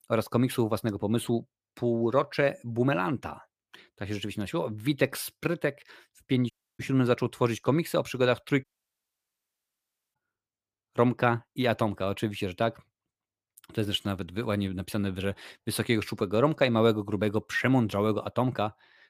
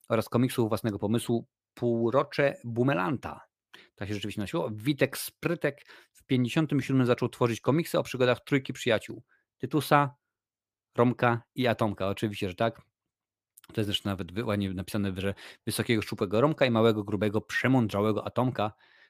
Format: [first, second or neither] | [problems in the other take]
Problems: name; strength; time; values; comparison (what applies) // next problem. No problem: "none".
second | audio cutting out; at 6.5 s and at 8.5 s for 1.5 s